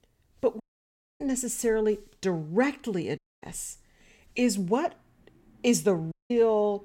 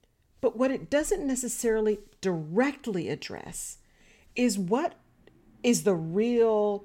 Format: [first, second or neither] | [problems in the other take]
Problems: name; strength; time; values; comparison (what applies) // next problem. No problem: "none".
second | audio cutting out; at 0.5 s for 0.5 s, at 3 s and at 6 s